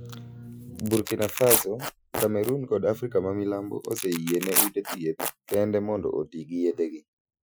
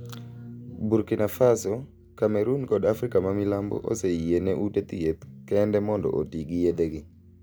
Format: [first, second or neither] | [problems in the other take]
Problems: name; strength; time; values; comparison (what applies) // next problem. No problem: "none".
second | noise reduction (classical method Wiener filter)